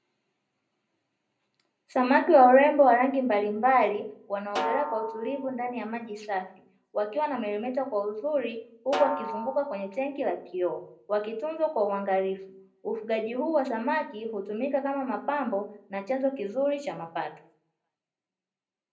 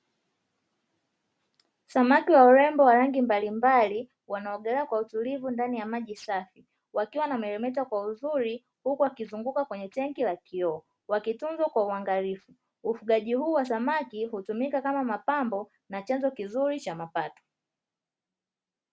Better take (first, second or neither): second